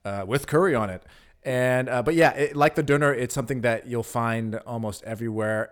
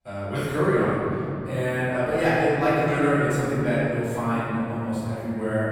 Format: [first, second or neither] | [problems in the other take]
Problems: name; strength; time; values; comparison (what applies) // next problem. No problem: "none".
first | off-mic speech; far // room echo; strong; dies away in 3 s